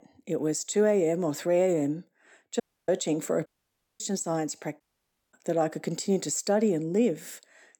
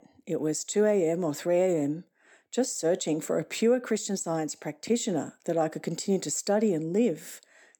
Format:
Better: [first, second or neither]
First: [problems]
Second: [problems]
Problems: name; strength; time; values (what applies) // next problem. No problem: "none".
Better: second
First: audio cutting out; at 2.5 s, at 3.5 s for 0.5 s and at 5 s for 0.5 s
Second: none